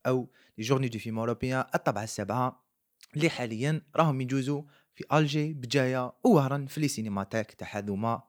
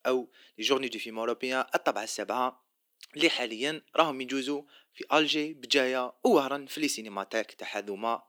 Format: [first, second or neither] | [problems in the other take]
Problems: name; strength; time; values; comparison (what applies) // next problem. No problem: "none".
first | thin; somewhat; fading below 300 Hz